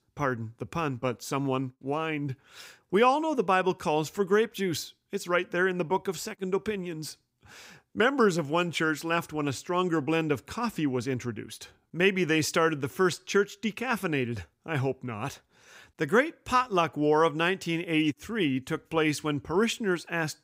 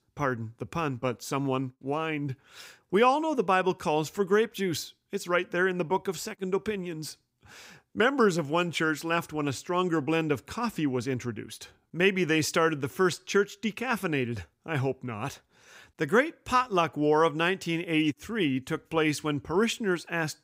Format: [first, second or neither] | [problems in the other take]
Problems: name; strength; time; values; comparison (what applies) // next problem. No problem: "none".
neither | none